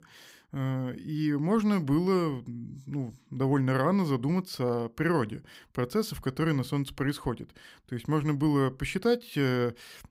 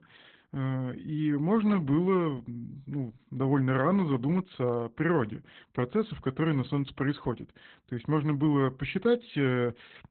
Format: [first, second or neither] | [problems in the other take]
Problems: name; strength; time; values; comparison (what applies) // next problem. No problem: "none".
first | garbled, watery; badly; nothing above 4 kHz